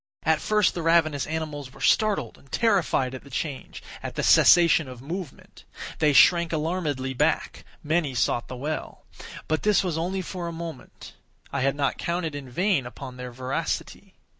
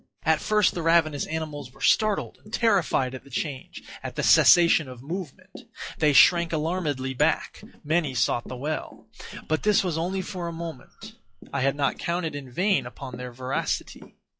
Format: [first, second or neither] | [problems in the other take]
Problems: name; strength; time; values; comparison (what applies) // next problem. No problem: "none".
first | noise reduction (classical method log-MMSE)